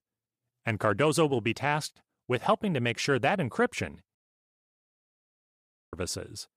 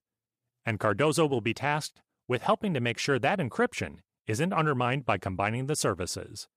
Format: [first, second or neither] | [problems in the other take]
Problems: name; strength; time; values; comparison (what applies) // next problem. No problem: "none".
second | audio cutting out; at 4 s for 2 s